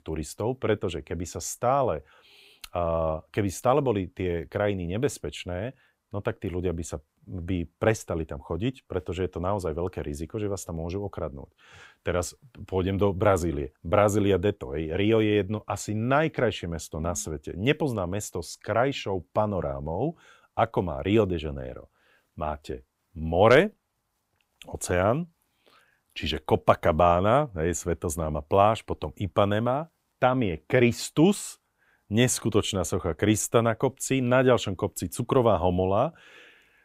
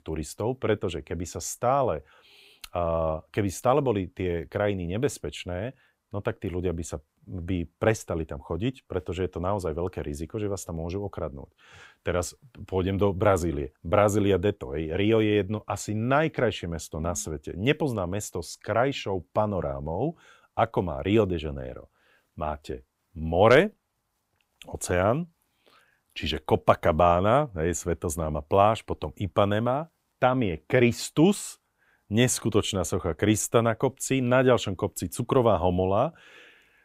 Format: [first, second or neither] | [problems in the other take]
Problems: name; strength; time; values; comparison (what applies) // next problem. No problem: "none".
neither | none